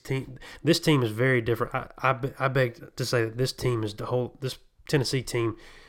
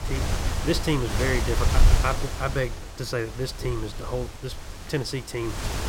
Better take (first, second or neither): first